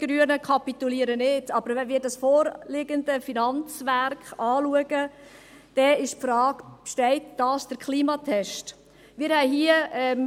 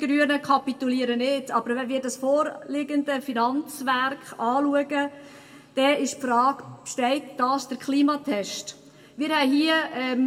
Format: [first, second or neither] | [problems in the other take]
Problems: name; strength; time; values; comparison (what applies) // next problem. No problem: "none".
first | room echo; dies away in 0.9 s